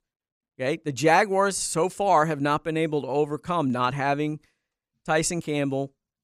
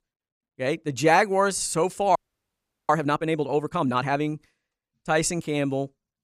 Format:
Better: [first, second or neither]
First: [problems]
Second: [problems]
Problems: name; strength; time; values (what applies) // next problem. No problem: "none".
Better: first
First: none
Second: audio freezing; at 2 s for 0.5 s